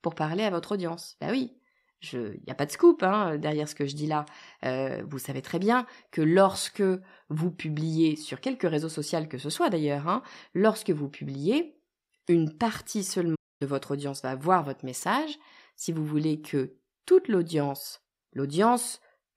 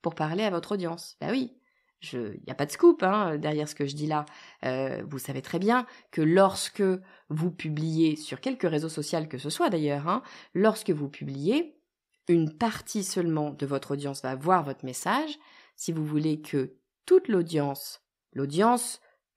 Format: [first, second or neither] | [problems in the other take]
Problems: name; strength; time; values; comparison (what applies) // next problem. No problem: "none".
second | audio cutting out; at 13 s